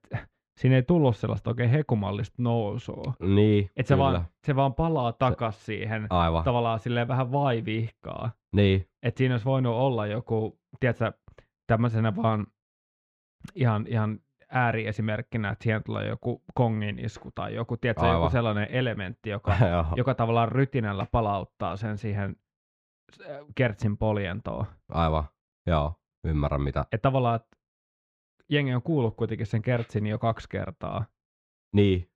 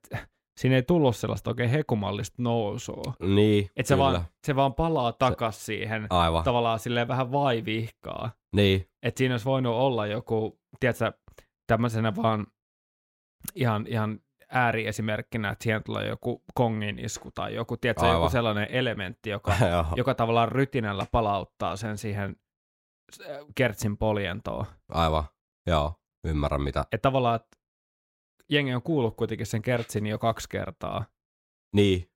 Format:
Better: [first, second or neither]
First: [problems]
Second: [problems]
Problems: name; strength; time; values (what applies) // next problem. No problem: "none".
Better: second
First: muffled; slightly; fading above 3 kHz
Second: none